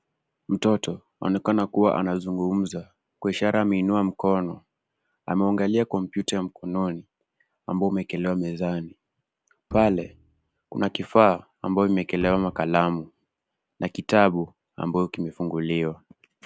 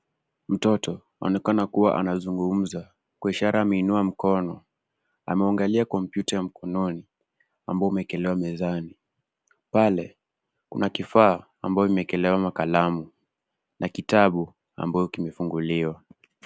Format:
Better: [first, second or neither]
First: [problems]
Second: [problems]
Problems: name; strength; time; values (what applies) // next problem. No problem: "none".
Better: second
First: background sound (Bowed string instrument); 17 dB below the speech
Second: none